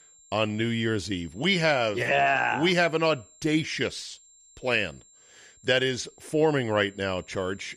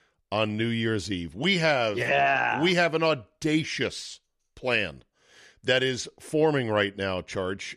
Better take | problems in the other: second | high-pitched whine; faint; throughout; 7.5 kHz, 30 dB below the speech

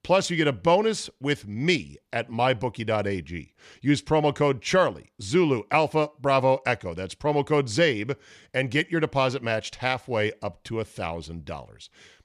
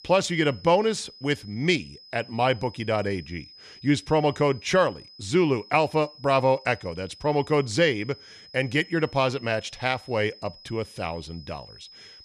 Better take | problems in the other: first | high-pitched whine; faint; throughout; 5 kHz, 20 dB below the speech

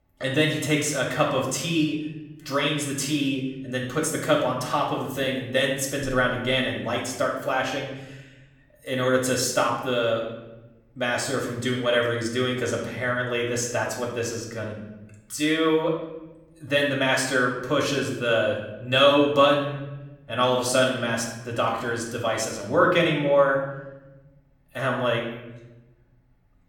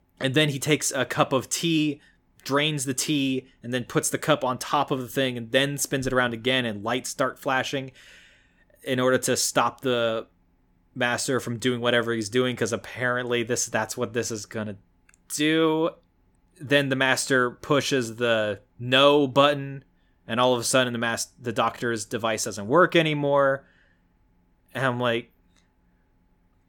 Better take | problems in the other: second | off-mic speech; far // room echo; noticeable; dies away in 0.9 s

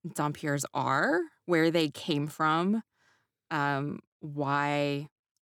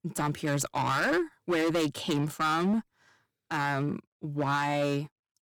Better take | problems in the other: first | distortion; heavy; 11% of the sound clipped

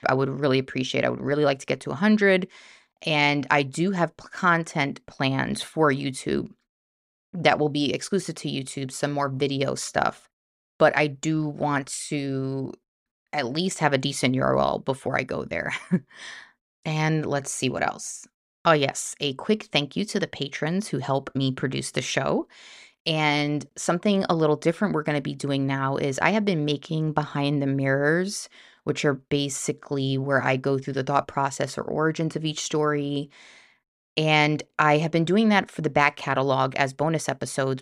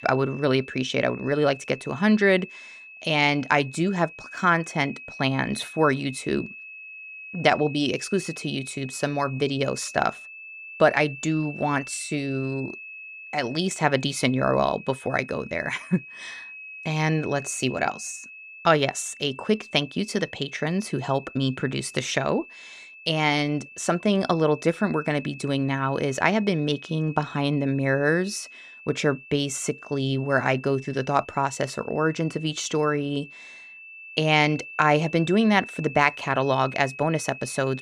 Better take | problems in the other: first | high-pitched whine; noticeable; throughout; 2.5 kHz, 15 dB below the speech

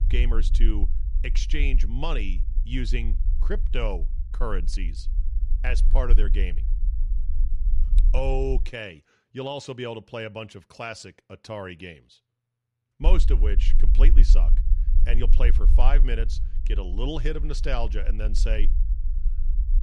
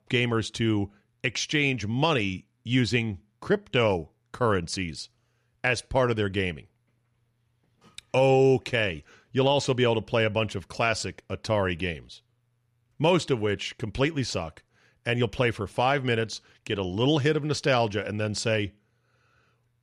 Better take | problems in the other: second | low rumble; noticeable; until 8.5 s and from 13 s on; 15 dB below the speech

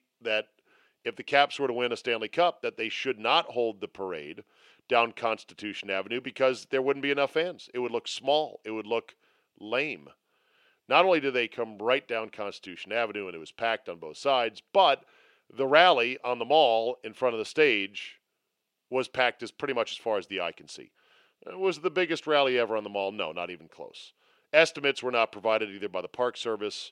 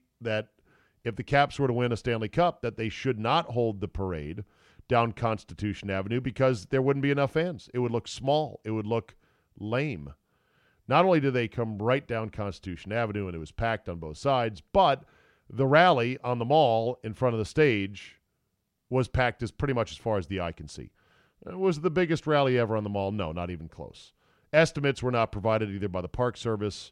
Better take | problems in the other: second | thin; somewhat; fading below 400 Hz

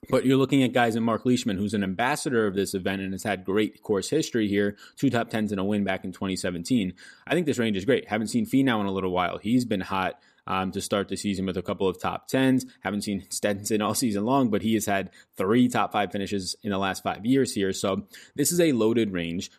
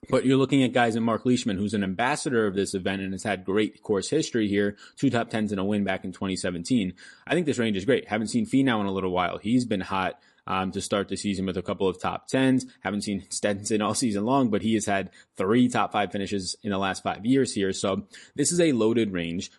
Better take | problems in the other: first | garbled, watery; slightly; nothing above 11 kHz

